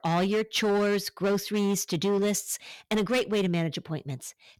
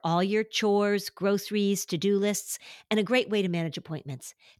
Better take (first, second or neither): second